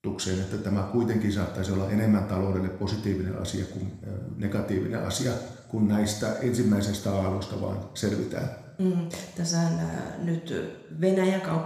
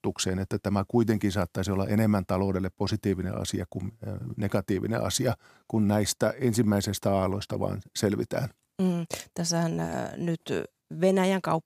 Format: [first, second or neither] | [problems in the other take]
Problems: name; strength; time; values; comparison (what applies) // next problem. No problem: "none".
second | room echo; noticeable; dies away in 1 s // off-mic speech; somewhat distant